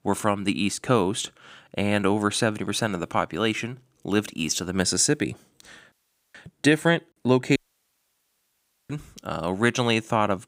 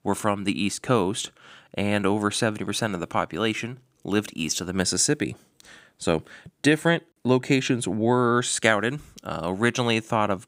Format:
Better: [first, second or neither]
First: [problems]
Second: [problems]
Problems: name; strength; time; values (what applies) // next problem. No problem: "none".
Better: second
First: audio cutting out; at 6 s and at 7.5 s for 1.5 s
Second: none